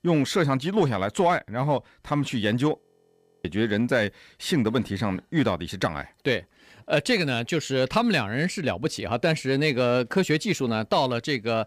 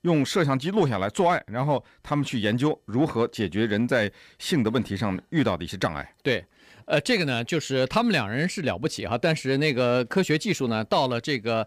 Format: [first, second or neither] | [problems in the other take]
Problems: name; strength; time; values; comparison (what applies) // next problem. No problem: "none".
second | audio freezing; at 3 s for 0.5 s